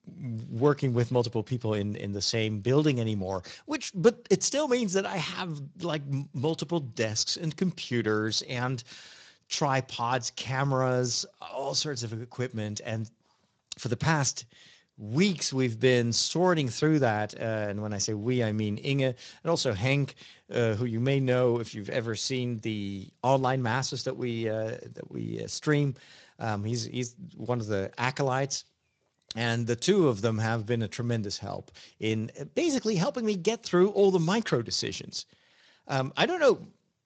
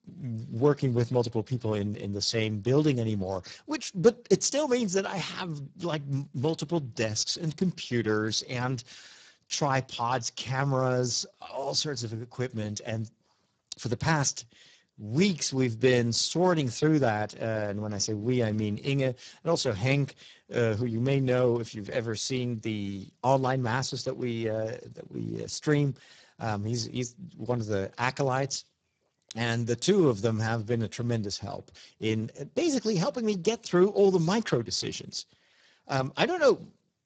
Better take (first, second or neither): first